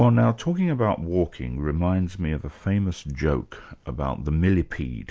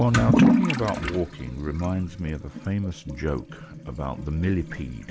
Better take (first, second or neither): first